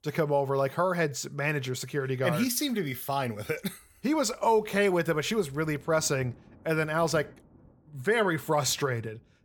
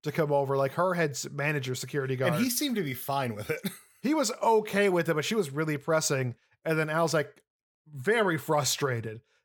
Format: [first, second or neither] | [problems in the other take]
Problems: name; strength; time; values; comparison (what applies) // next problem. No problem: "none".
second | rain or running water; faint; throughout; 25 dB below the speech